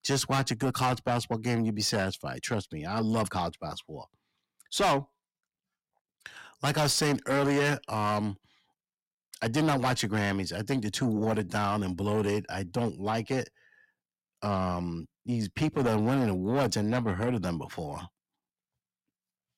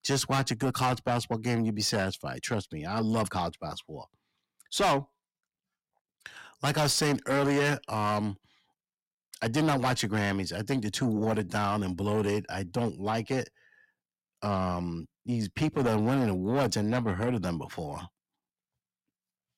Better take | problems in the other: neither | distortion; heavy; 6 dB below the speech; the same in both

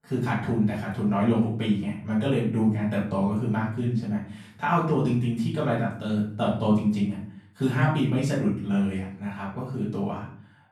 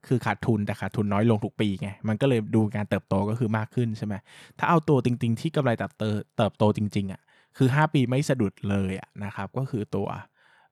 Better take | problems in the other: second | off-mic speech; far // room echo; noticeable; dies away in 0.5 s

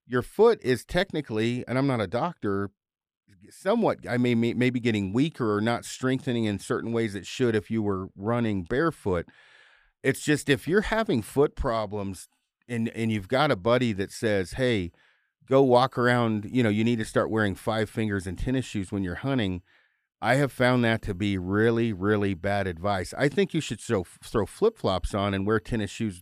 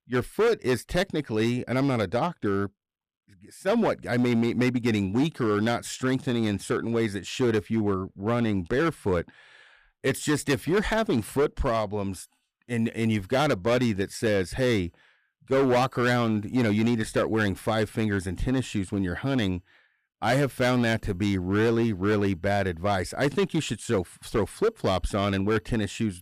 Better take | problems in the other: first | distortion; slight; 8% of the sound clipped

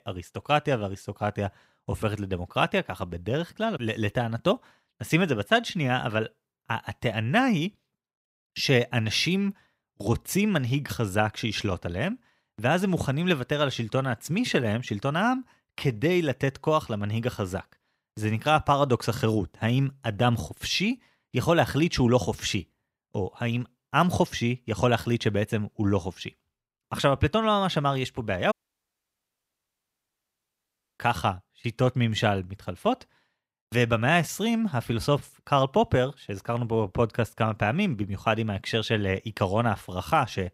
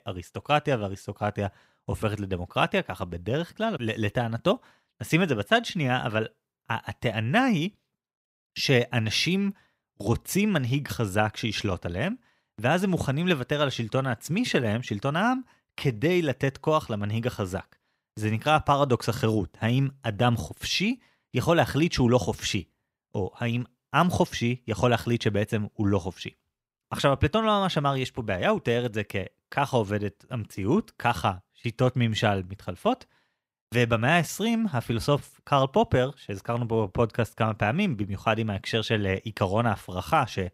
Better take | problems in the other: second | audio cutting out; at 29 s for 2.5 s

